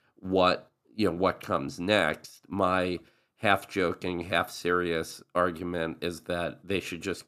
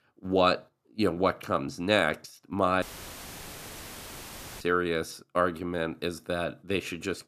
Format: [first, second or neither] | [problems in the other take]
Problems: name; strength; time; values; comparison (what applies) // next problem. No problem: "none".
first | audio cutting out; filled with static; at 3 s for 2 s